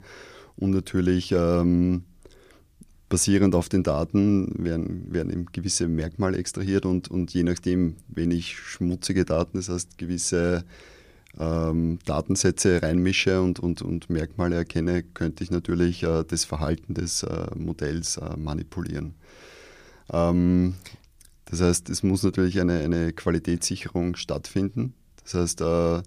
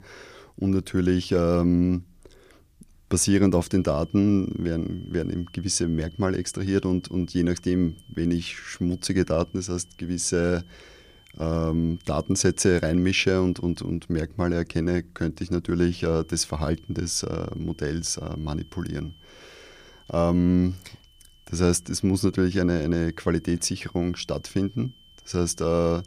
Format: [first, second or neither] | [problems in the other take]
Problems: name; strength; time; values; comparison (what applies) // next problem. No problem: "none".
first | high-pitched whine; faint; from 3.5 to 14 s and from 16 s on; 3 kHz, 30 dB below the speech